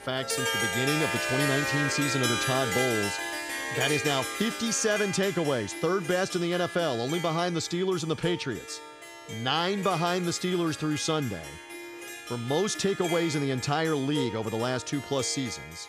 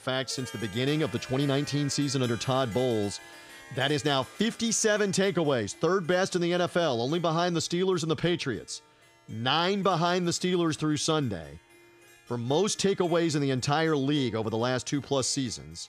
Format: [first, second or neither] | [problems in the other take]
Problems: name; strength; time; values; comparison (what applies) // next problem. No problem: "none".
second | background music; loud; throughout; 4 dB below the speech; faint in the second